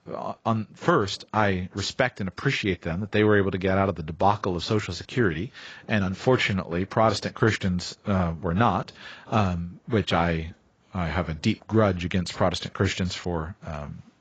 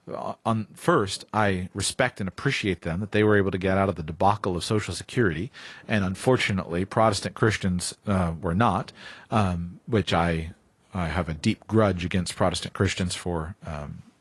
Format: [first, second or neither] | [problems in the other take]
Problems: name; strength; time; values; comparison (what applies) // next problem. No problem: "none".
second | garbled, watery; badly; nothing above 7.5 kHz; slightly in the second